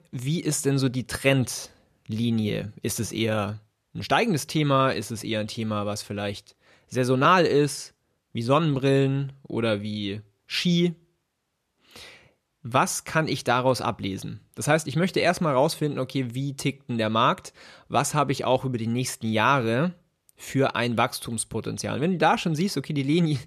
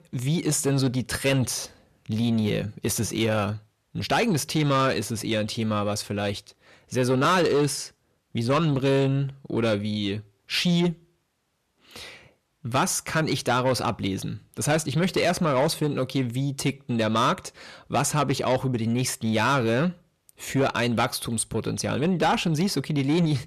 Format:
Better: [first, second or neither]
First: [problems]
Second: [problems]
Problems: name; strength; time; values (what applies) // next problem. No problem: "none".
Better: first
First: none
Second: distortion; slight; 10 dB below the speech